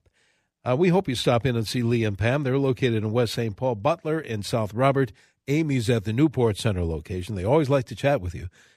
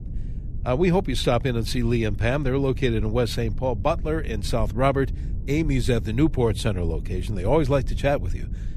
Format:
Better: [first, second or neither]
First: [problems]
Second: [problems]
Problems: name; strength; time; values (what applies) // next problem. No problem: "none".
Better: first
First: none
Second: low rumble; faint; throughout; 20 dB below the speech